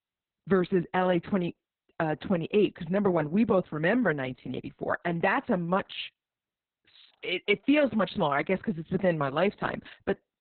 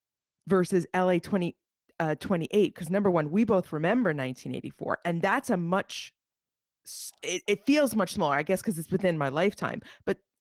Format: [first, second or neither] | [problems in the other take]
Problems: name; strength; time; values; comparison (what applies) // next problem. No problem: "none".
second | garbled, watery; badly; nothing above 4 kHz; slightly in the second